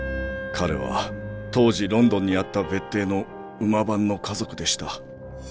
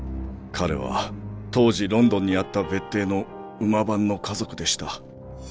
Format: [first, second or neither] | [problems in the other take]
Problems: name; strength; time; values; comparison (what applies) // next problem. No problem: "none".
second | background sound (Wind instrument, woodwind instrument); 14 dB below the speech